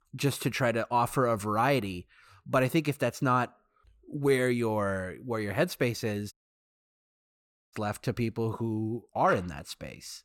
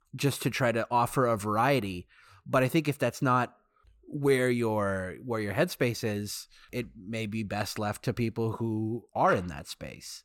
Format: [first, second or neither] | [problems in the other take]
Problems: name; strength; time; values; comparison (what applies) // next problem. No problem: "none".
second | audio cutting out; at 6.5 s for 1.5 s